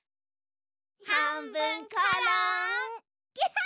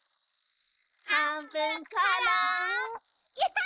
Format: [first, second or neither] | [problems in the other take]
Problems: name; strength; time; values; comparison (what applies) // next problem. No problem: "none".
first | noise reduction (neural mask model Resemble Enhance denoiser)